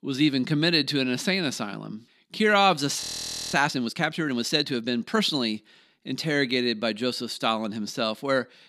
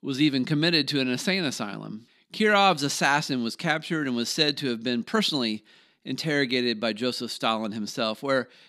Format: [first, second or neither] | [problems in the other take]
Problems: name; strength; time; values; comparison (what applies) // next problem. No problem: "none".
second | audio freezing; at 3 s for 0.5 s